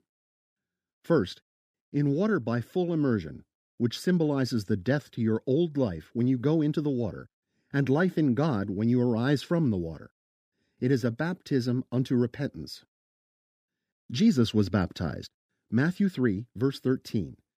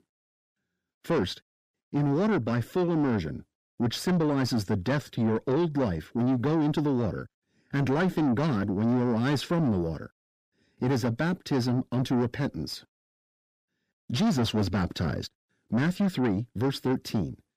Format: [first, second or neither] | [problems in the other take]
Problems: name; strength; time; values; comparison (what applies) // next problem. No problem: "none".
first | distortion; heavy; 7 dB below the speech